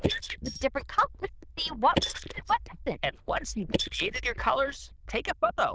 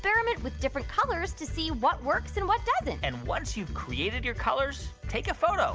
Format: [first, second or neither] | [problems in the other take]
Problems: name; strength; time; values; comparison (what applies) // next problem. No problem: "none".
second | noise reduction (neural diffusion model UNIVERSE++)